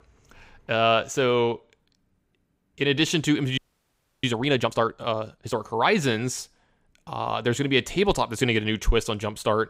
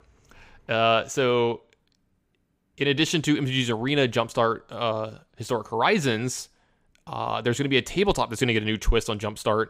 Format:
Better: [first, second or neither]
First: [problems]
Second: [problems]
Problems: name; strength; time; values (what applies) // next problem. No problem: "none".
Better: second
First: audio freezing; at 3.5 s for 0.5 s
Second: none